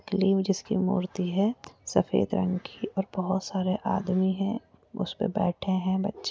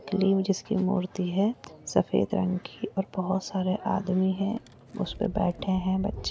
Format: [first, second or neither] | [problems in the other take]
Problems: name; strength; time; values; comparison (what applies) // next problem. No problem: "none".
first | background sound (Microwave oven); 18 dB below the speech